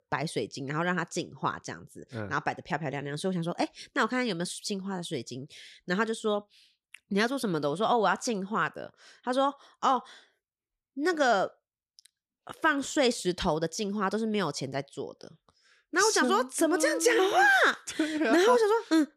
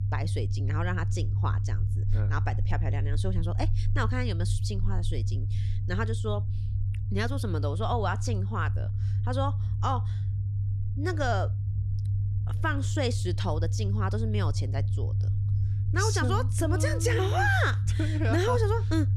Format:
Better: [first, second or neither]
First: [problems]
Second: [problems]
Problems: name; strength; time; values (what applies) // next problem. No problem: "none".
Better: first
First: none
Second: low rumble; noticeable; throughout; 10 dB below the speech